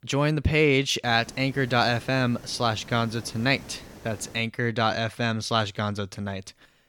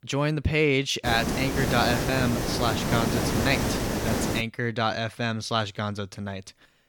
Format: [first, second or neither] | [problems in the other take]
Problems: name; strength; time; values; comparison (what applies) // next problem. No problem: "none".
first | hiss; loud; from 1 to 4.5 s; 1 dB below the speech; faint in the first